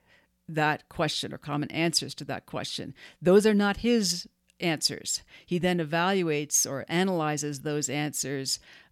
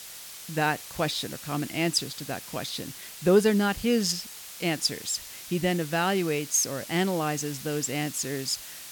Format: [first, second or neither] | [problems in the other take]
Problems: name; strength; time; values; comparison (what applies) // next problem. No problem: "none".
first | hiss; noticeable; throughout; 10 dB below the speech